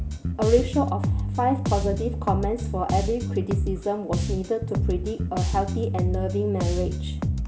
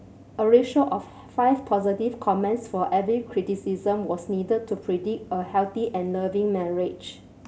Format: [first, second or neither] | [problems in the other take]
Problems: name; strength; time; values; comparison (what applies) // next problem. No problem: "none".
second | background sound (Bass guitar); 1 dB above the speech